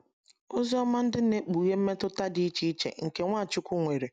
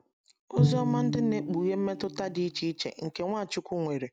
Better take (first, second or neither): first